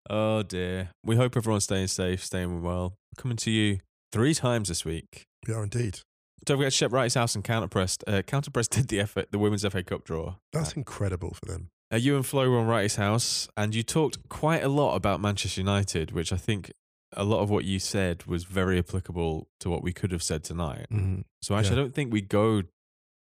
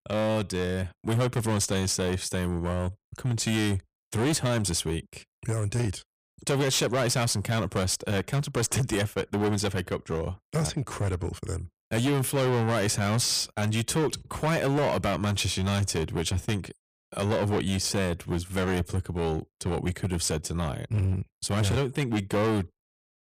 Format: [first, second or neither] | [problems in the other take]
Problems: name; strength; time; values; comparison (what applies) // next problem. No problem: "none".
first | distortion; heavy; 16% of the sound clipped